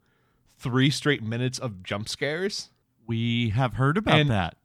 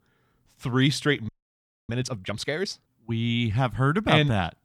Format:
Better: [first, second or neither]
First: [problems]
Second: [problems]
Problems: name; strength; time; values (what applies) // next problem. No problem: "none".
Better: first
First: none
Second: audio freezing; at 1.5 s for 0.5 s